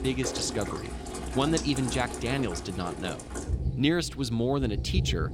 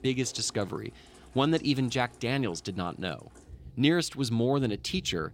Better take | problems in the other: second | rain or running water; loud; throughout; 5 dB below the speech; faint in the second

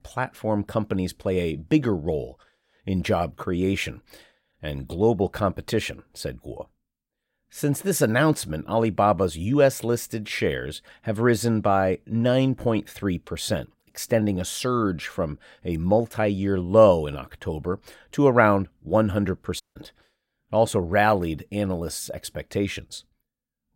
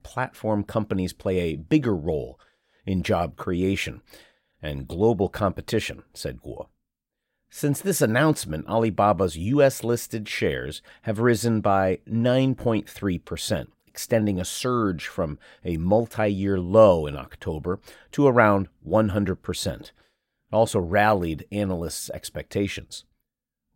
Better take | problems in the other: second | audio cutting out; at 20 s

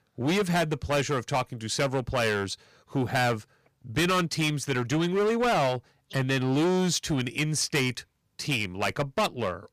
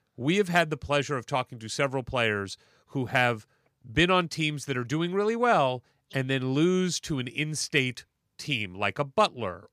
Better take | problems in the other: second | distortion; heavy; 14% of the sound clipped

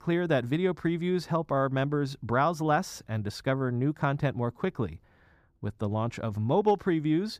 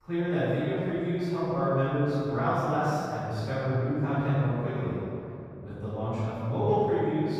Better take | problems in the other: first | off-mic speech; far // room echo; strong; dies away in 2.6 s

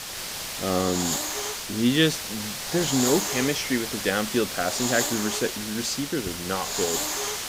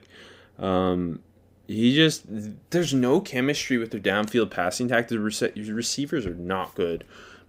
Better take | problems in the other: second | hiss; loud; throughout; 2 dB below the speech

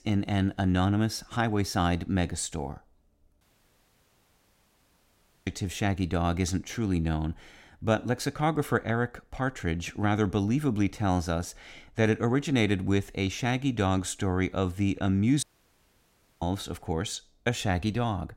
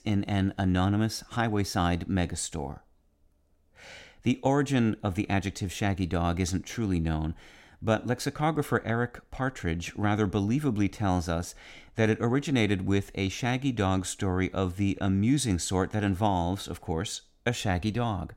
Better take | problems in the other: second | audio cutting out; at 3.5 s for 2 s and at 15 s for 1 s

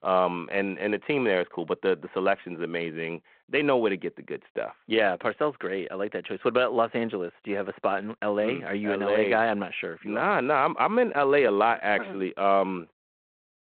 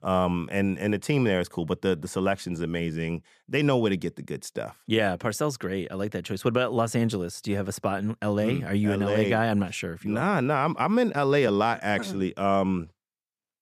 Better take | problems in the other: second | phone-call audio

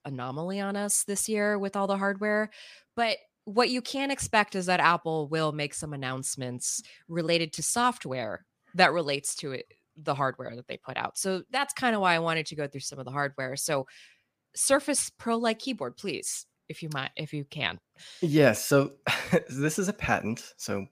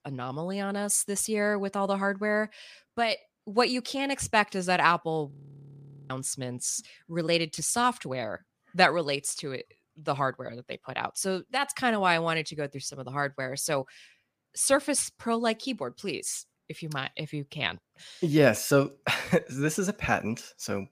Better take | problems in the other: first | audio freezing; at 5.5 s for 1 s

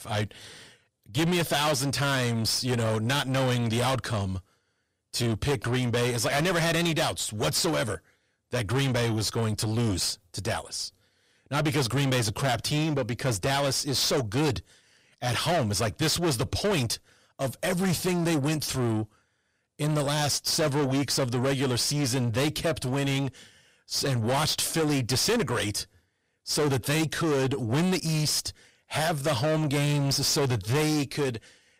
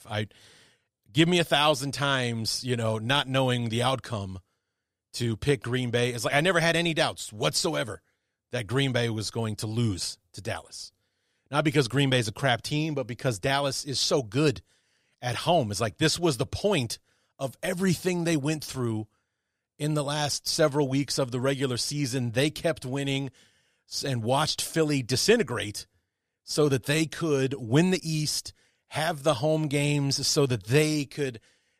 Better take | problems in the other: second | distortion; heavy; 6 dB below the speech

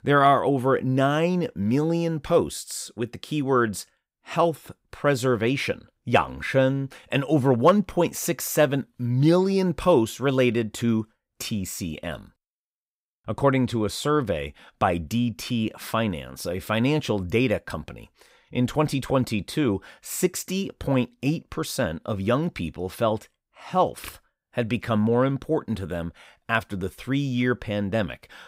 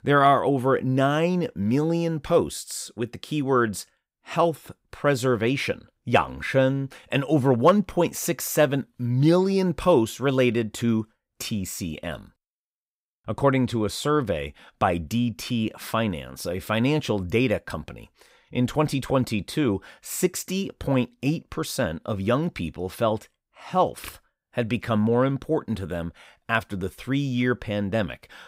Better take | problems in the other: neither | none

